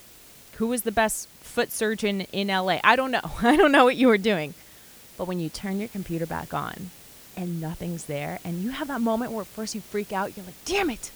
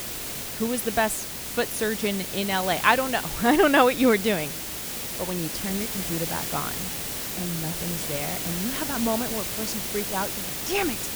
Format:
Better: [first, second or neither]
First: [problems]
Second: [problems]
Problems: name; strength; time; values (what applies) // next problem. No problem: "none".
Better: first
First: hiss; faint; throughout; 20 dB below the speech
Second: hiss; loud; throughout; 3 dB below the speech